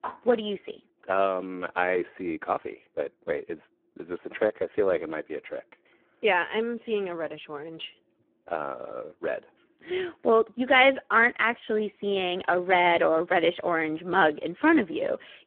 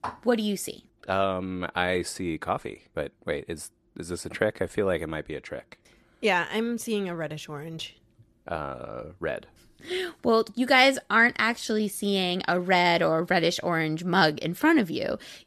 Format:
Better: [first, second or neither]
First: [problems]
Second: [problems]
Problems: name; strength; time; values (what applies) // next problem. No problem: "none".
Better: second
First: phone-call audio; poor line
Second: none